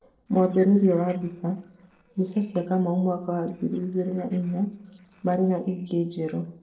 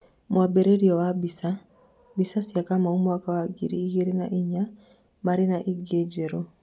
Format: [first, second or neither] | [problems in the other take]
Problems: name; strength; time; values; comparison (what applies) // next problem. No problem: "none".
second | noise reduction (neural separator model SepFormer DNS4)